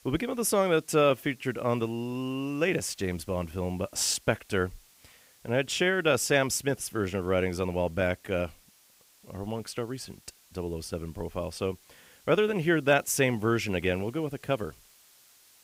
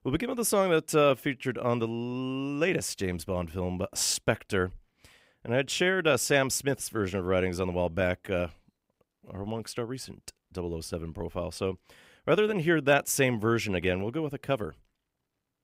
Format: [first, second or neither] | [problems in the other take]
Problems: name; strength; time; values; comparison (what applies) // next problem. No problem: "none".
second | hiss; faint; throughout; 30 dB below the speech